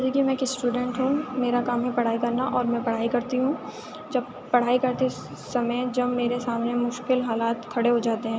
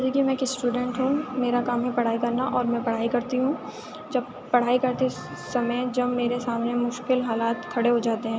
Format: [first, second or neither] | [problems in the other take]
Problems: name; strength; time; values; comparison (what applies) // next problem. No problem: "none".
first | background sound (Wind instrument, woodwind instrument); 19 dB below the speech